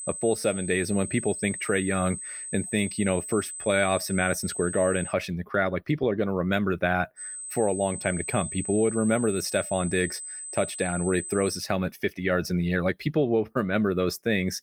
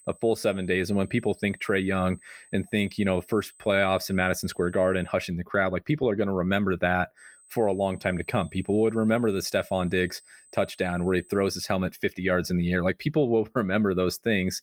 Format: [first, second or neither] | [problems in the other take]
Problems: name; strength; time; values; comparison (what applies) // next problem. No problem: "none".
second | high-pitched whine; loud; until 5 s and from 7 to 12 s; 8 kHz, 8 dB below the speech; faint in the second